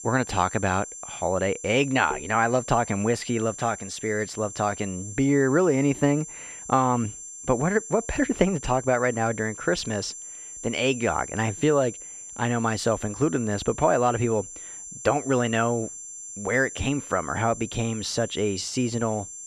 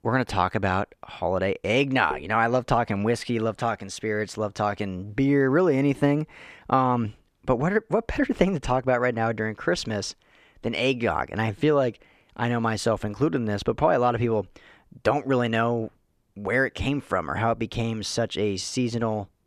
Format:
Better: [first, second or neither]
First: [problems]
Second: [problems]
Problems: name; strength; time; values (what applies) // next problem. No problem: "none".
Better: second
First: high-pitched whine; noticeable; throughout; 7.5 kHz, 10 dB below the speech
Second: none